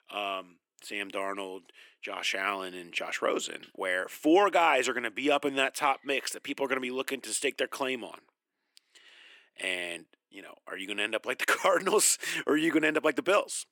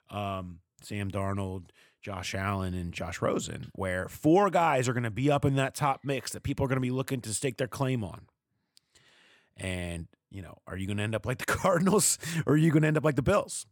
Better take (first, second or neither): second